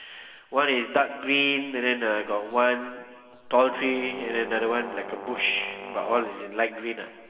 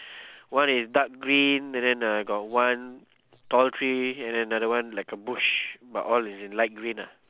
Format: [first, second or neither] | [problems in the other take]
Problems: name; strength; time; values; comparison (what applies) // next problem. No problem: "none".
second | background sound (Brass instrument); 12 dB below the speech // room echo; dies away in 1.9 s